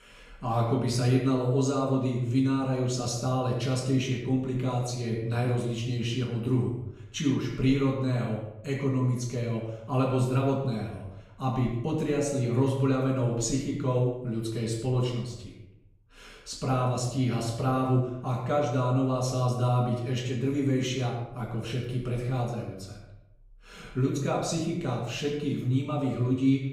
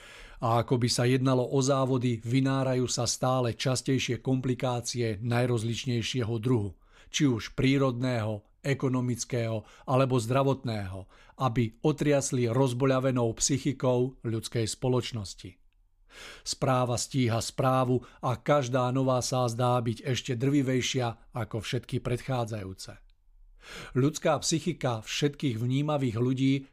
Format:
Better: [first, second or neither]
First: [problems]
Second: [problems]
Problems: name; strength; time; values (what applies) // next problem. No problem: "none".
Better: second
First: off-mic speech; far // room echo; noticeable; dies away in 0.7 s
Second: none